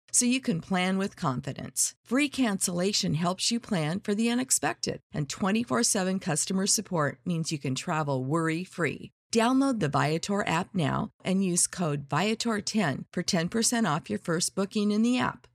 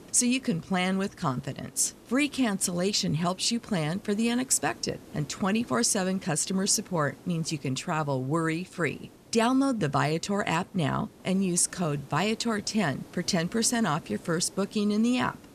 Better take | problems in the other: first | hiss; faint; throughout; 25 dB below the speech

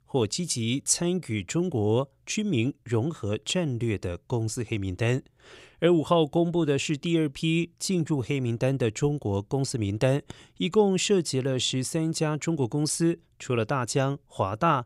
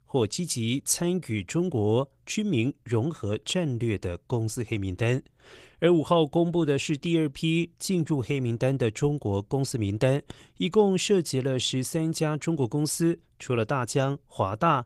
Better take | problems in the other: first | garbled, watery; slightly; nothing above 15.5 kHz

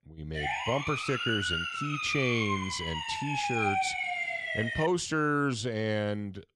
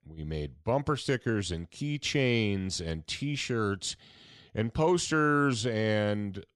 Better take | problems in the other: second | siren; loud; until 5 s; peak 3 dB above the speech

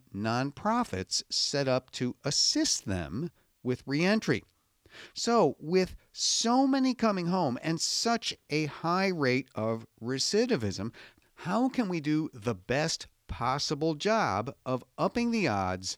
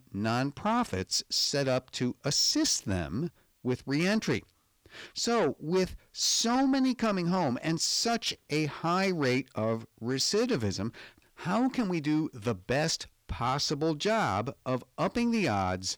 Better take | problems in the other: first | distortion; slight; 10 dB below the speech

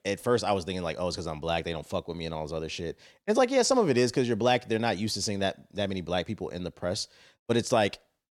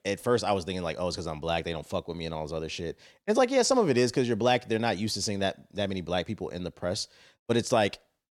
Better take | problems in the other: neither | none

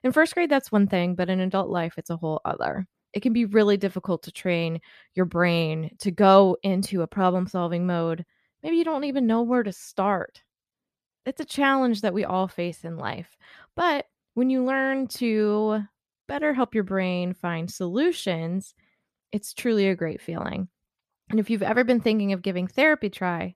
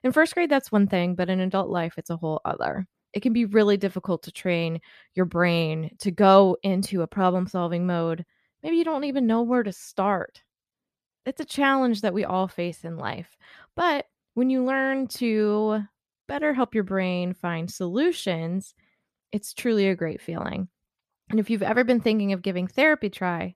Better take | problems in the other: neither | none

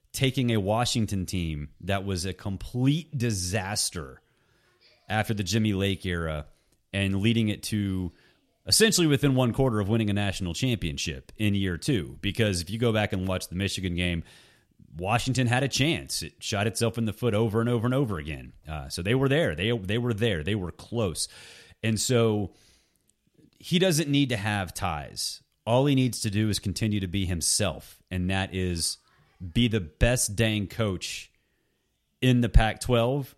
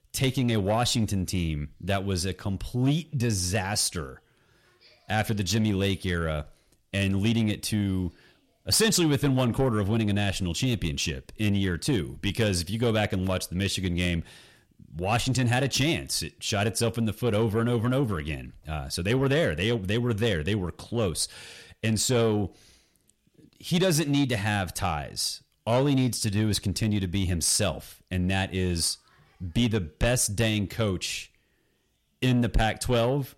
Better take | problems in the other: first | distortion; slight; 10 dB below the speech

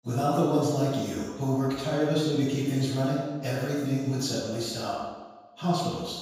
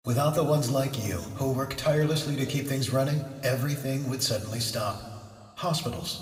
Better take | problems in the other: second | room echo; strong; dies away in 1.2 s; slight in the second // off-mic speech; far

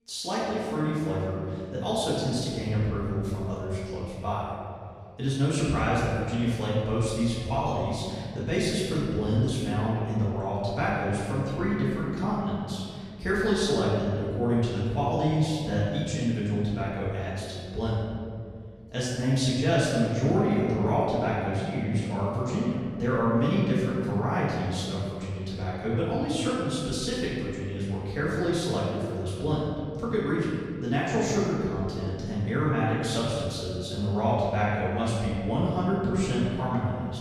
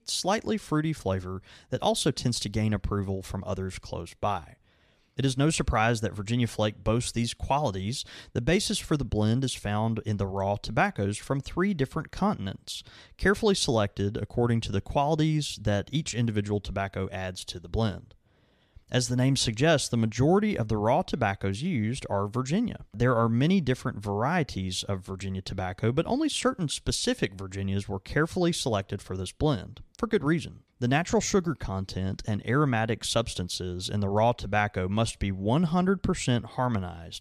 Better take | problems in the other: second | off-mic speech; far // room echo; strong; dies away in 2.2 s

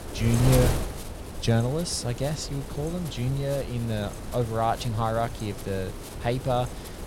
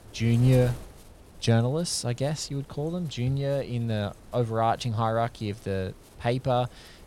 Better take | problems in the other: second | wind noise on the microphone; heavy; 8 dB below the speech; occasional gusts in the second

